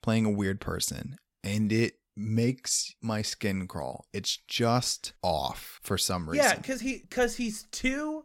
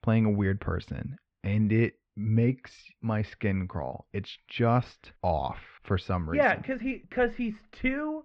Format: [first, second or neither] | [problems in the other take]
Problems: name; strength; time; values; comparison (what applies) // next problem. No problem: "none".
first | muffled; very; fading above 2.5 kHz